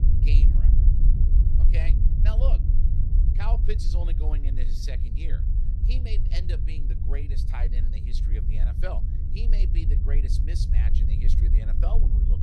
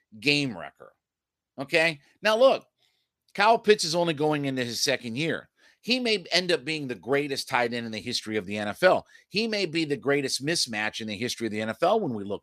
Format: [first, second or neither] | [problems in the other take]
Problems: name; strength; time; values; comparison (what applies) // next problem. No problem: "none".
second | low rumble; loud; throughout; 3 dB below the speech